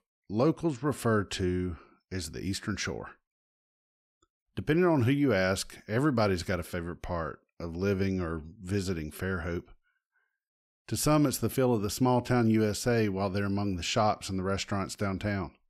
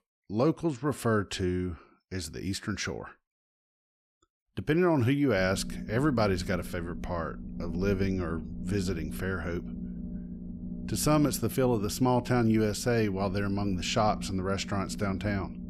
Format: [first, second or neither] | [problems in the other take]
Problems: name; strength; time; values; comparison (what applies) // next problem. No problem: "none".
first | low rumble; noticeable; from 5.5 s on; 15 dB below the speech